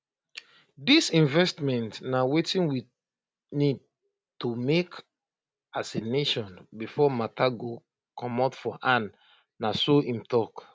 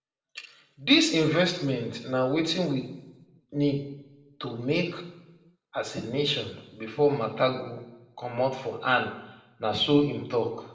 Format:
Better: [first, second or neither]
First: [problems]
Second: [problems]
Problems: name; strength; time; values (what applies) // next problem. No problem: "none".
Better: first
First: none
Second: room echo; dies away in 0.7 s